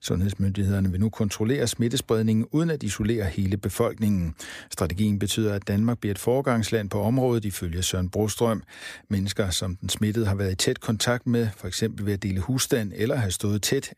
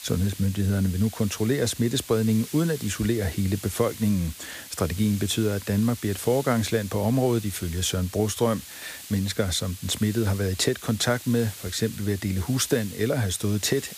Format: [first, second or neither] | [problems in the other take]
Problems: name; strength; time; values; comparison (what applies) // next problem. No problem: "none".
first | hiss; noticeable; throughout; 15 dB below the speech